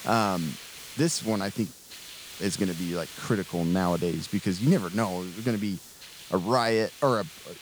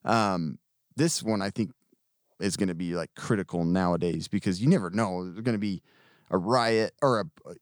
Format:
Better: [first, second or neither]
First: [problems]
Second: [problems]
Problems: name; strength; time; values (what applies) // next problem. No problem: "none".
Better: second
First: hiss; noticeable; throughout; 15 dB below the speech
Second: none